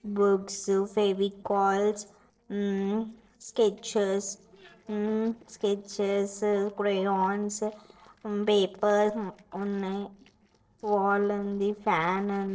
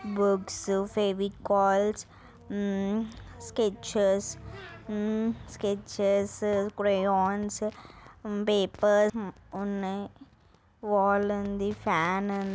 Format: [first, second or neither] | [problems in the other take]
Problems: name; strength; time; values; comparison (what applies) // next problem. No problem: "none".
second | noise reduction (neural separator model SepFormer DNS4)